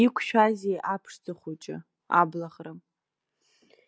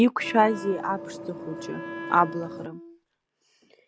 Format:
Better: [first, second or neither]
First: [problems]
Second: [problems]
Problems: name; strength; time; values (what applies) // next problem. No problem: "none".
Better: first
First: none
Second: background sound (Wind instrument, woodwind instrument + Vehicle); 11 dB below the speech